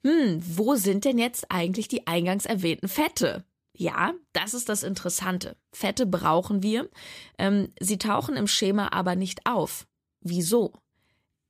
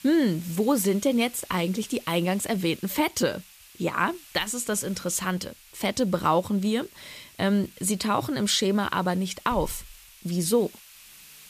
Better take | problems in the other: first | hiss; faint; throughout; 20 dB below the speech

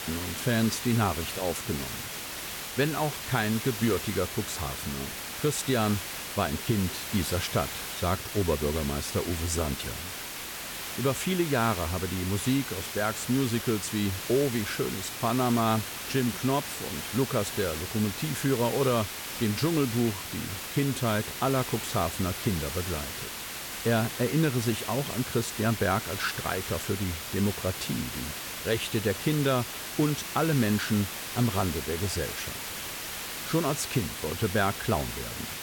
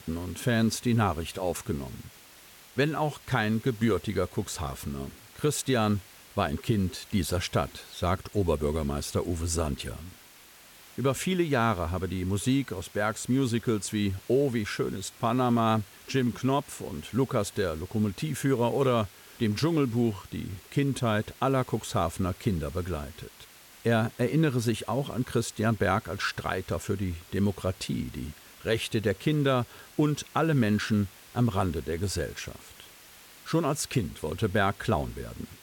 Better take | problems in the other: second | hiss; loud; throughout; 5 dB below the speech; faint in the second

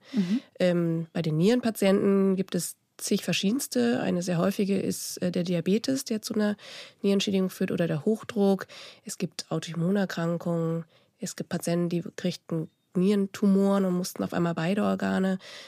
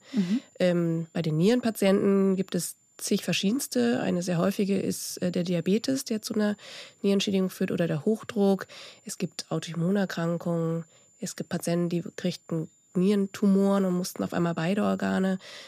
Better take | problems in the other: first | high-pitched whine; faint; throughout; 7 kHz, 30 dB below the speech

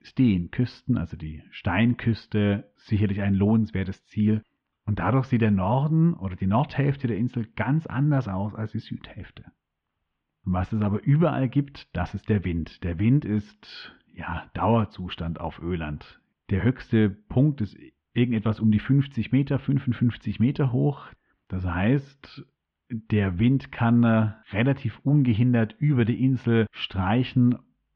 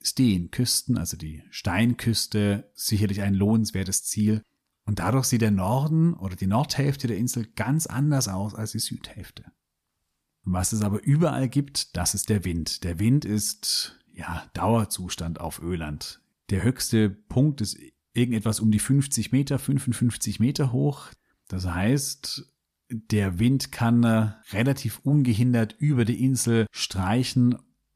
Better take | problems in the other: second | muffled; very; fading above 3 kHz

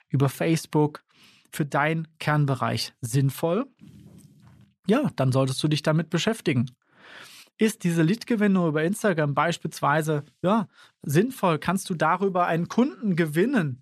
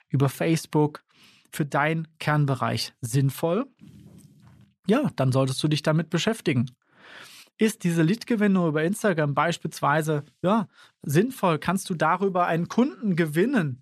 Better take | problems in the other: neither | none

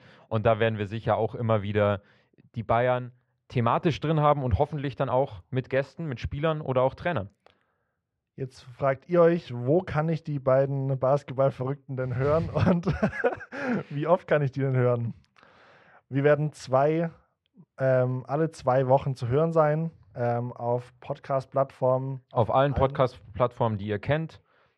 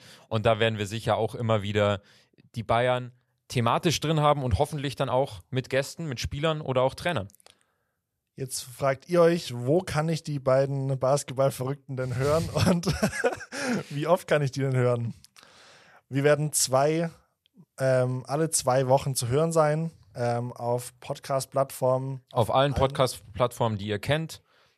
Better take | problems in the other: second | muffled; very; fading above 2 kHz

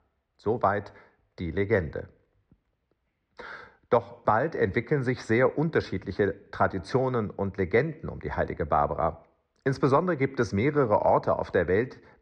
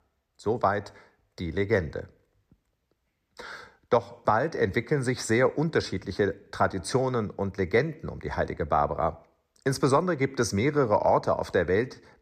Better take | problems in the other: second | muffled; slightly; fading above 3 kHz

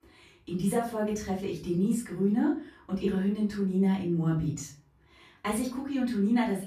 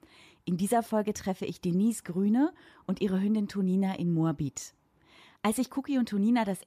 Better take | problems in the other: second | off-mic speech; far // room echo; slight; dies away in 0.3 s

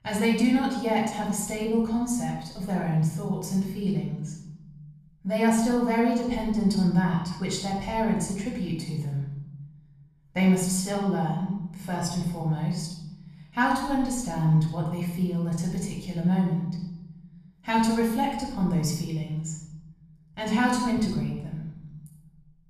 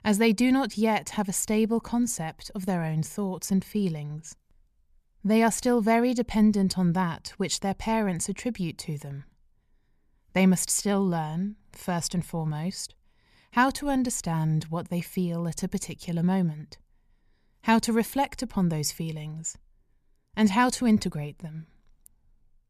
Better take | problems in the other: second | off-mic speech; far // room echo; noticeable; dies away in 1.1 s

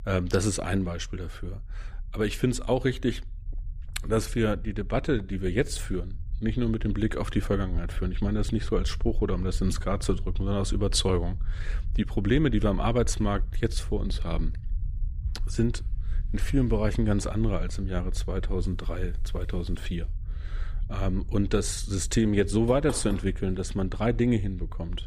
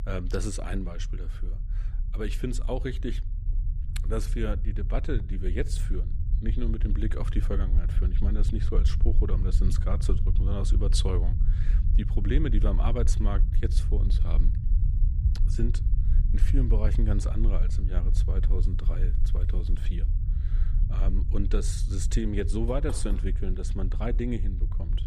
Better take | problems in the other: first | low rumble; loud; throughout; 10 dB below the speech; faint in the first

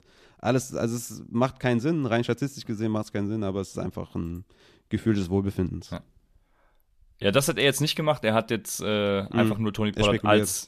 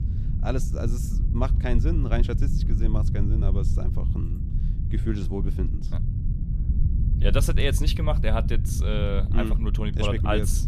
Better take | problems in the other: first | low rumble; loud; throughout; 9 dB below the speech

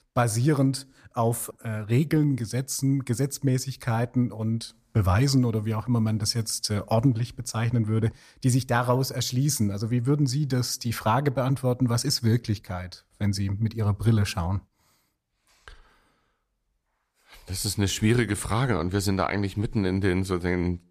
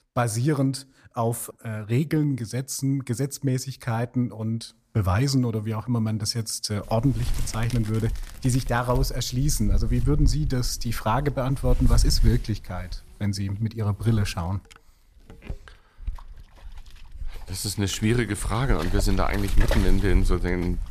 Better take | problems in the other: first | wind noise on the microphone; occasional gusts; from 7 s on; 10 dB below the speech

